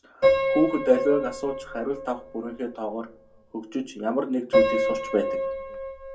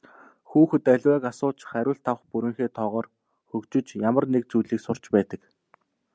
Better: second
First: background sound (Piano); as loud as the speech // room echo; dies away in 0.2 s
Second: none

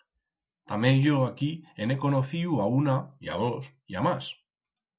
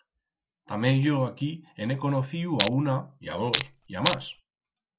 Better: first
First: none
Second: background sound (Crushing); 2 dB below the speech

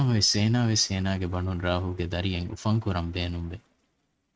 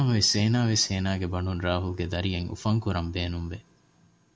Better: second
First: noise reduction (neural mask model RNNoise)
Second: none

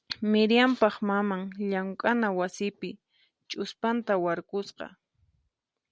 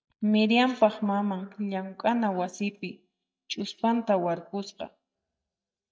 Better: first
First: none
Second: noise reduction (neural mask model DeepFilterNet 3)

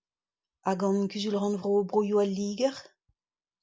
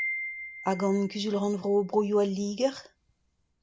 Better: first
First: none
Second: background sound (Wind chime); 12 dB below the speech

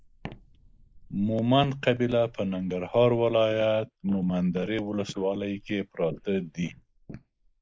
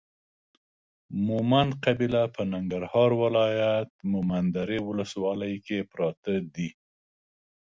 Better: second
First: noise reduction (neural mask model Resemble Enhance denoiser)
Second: none

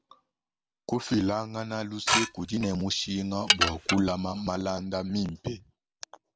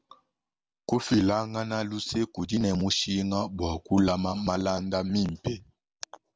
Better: second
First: background sound (Dishes, pots, and pans / Glass); 1 dB above the speech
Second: none

